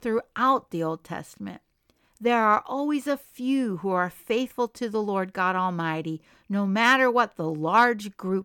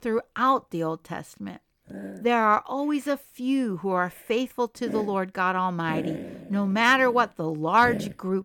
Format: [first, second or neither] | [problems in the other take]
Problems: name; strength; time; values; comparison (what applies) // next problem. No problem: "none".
first | hiss; noticeable; from 2 s on; 15 dB below the speech